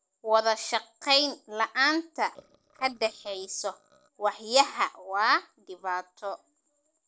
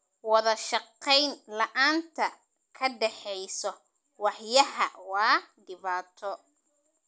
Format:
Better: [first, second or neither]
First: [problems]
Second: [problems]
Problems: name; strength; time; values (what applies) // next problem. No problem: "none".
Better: second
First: noise reduction (neural separator model SepFormer DNS4)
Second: none